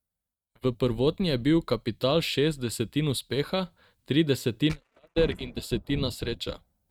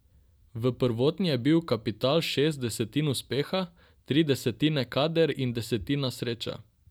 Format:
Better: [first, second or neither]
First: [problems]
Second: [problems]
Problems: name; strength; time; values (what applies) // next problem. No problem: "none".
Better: second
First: noise reduction (neural mask model RNNoise)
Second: none